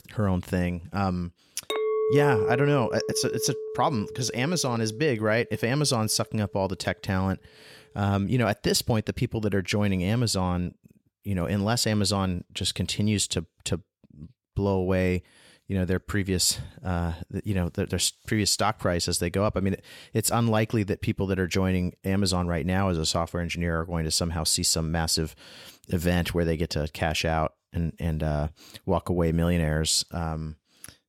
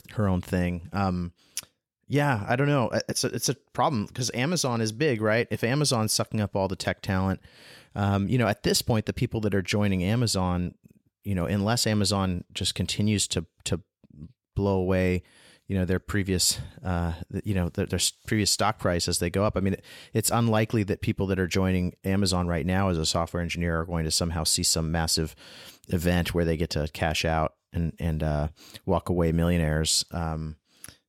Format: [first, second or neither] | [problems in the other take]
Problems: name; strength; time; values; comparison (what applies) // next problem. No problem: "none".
second | clattering dishes; loud; from 1.5 to 5 s; peak 2 dB above the speech